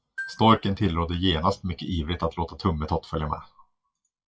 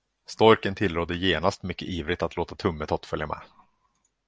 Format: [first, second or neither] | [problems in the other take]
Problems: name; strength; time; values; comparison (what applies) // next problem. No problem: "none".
second | noise reduction (classical method WPE with log-MMSE)